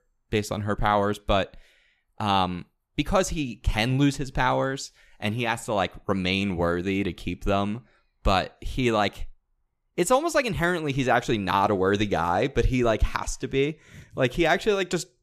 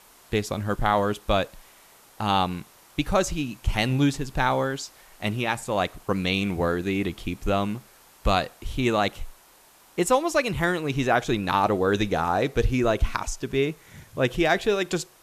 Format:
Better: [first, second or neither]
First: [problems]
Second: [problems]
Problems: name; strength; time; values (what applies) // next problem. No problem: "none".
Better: first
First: none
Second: hiss; faint; throughout; 25 dB below the speech